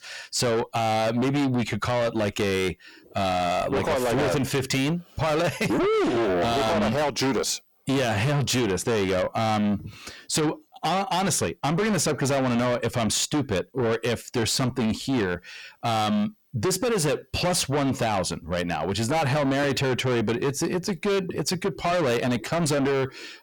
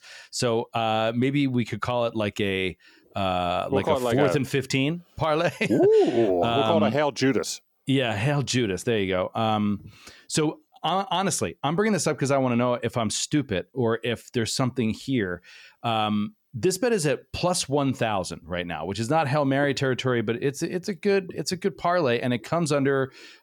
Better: second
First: distortion; heavy; 6 dB below the speech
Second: none

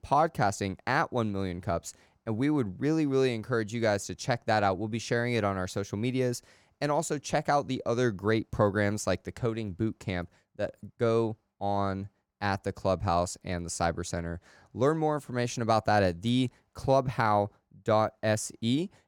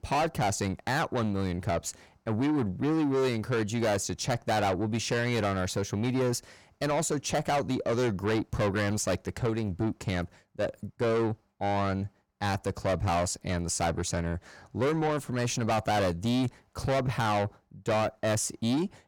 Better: first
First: none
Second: distortion; heavy; 7 dB below the speech

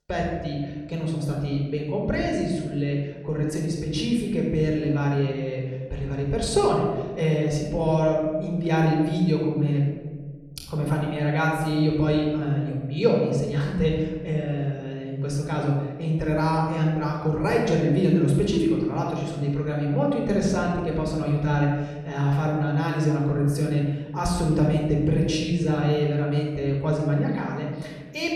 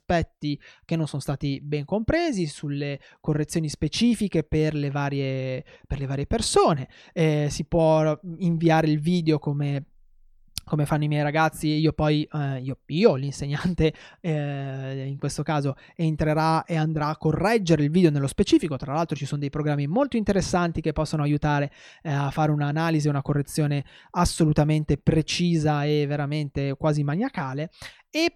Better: second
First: off-mic speech; somewhat distant // room echo; noticeable; dies away in 1.3 s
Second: none

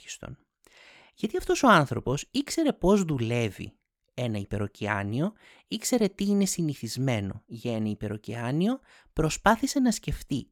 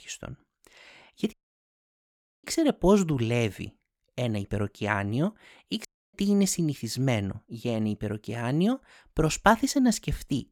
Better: first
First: none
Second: audio cutting out; at 1.5 s for 1 s and at 6 s

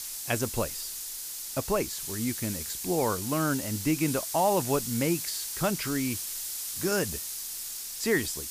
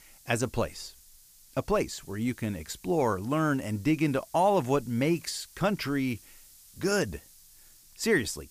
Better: second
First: hiss; loud; throughout; 3 dB below the speech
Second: hiss; faint; throughout; 25 dB below the speech

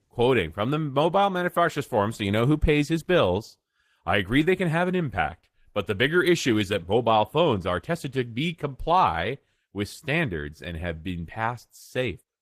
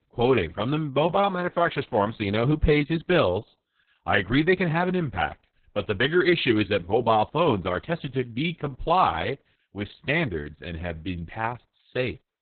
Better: first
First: garbled, watery; slightly; nothing above 14.5 kHz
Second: garbled, watery; badly; nothing above 4 kHz

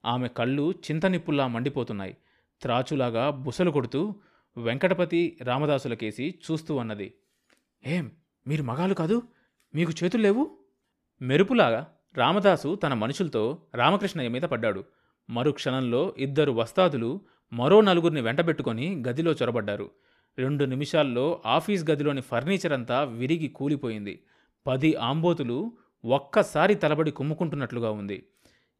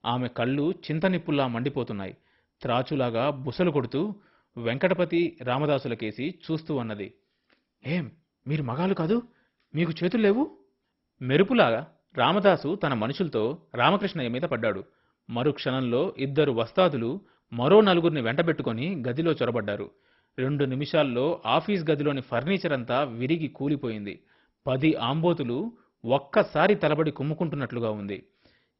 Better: first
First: none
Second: garbled, watery; badly; nothing above 5.5 kHz

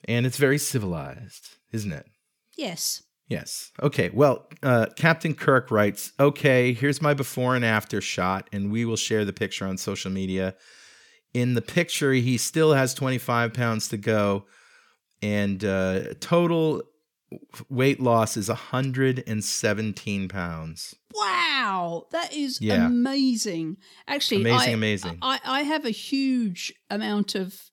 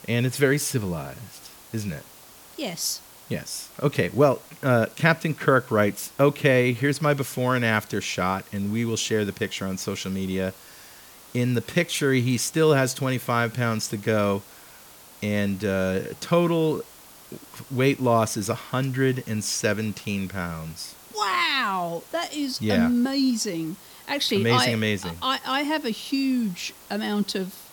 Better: first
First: none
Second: hiss; faint; throughout; 20 dB below the speech

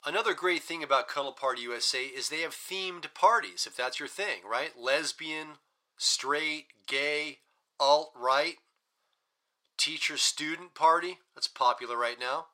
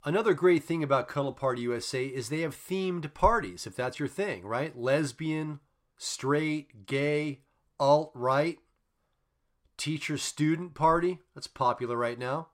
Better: second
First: thin; very; fading below 650 Hz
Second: none

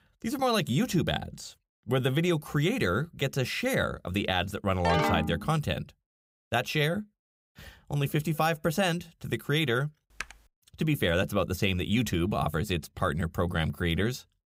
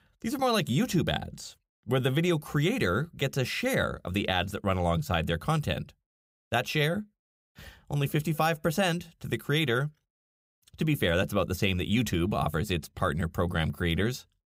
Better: second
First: phone ringing; loud; at 5 s; peak 1 dB above the speech // keyboard typing; faint; at 10 s; peak 10 dB below the speech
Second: none

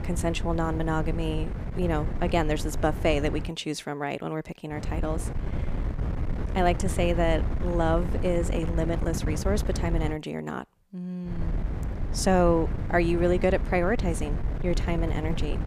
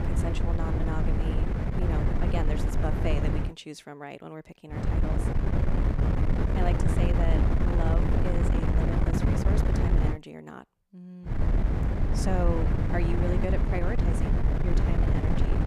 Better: first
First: wind noise on the microphone; occasional gusts; until 3.5 s, from 4.5 to 10 s and from 11 s on; 10 dB below the speech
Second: wind noise on the microphone; heavy; until 3.5 s, from 4.5 to 10 s and from 11 s on; 2 dB above the speech

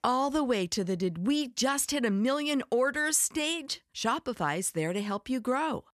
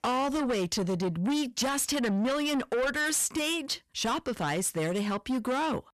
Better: first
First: none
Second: distortion; heavy; 8 dB below the speech

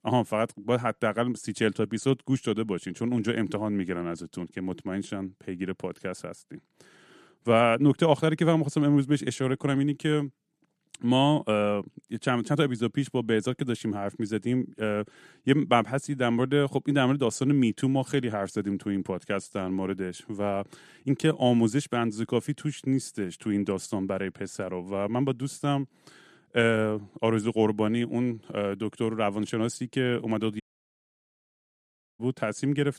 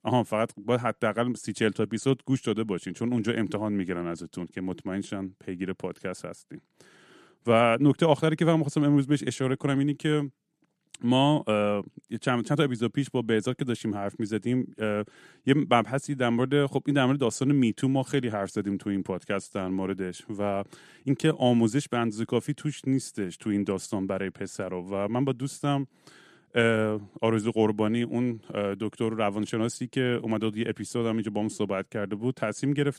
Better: second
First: audio cutting out; at 31 s for 1.5 s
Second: none

